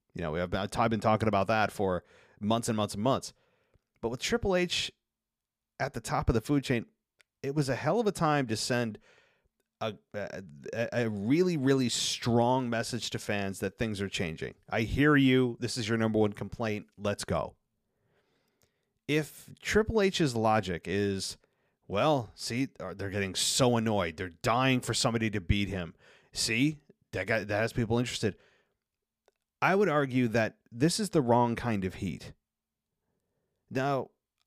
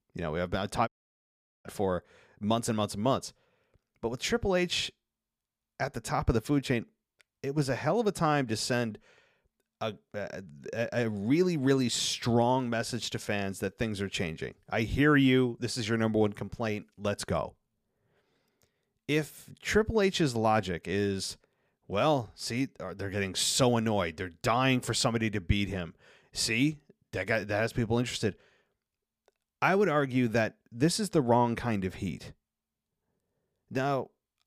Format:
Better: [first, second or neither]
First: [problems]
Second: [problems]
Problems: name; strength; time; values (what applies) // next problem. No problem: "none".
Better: first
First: none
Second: audio cutting out; at 1 s for 1 s